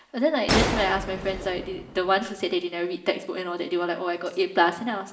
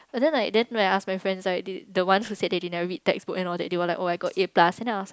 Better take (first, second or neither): second